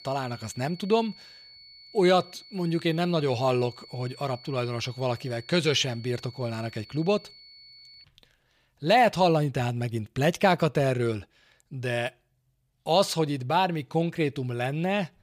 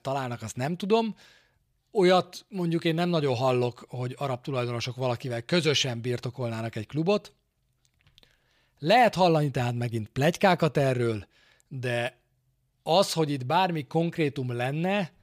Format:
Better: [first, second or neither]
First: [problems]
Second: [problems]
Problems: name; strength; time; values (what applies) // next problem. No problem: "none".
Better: second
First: high-pitched whine; faint; until 8 s; 4.5 kHz, 20 dB below the speech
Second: none